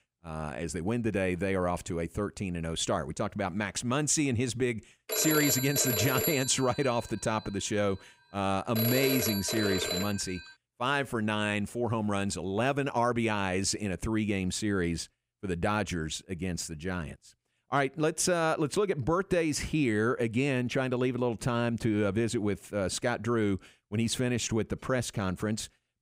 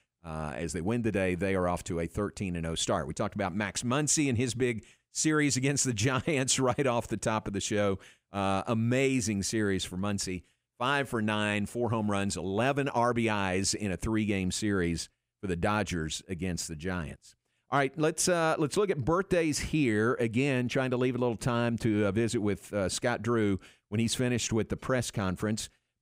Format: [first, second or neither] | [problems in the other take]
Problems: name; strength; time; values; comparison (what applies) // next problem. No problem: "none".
second | phone ringing; loud; from 5 to 10 s; peak 3 dB above the speech